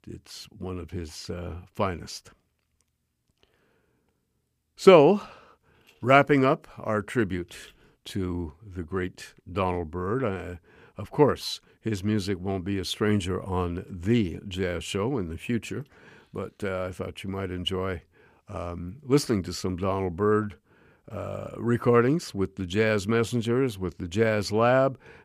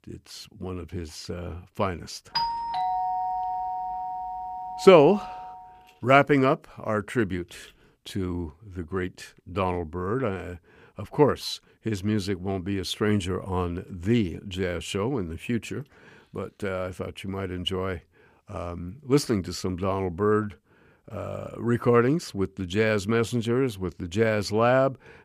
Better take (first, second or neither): first